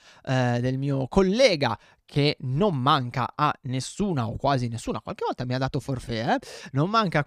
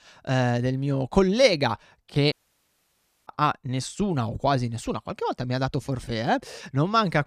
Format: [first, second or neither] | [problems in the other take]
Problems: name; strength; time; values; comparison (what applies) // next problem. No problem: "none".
first | audio cutting out; at 2.5 s for 1 s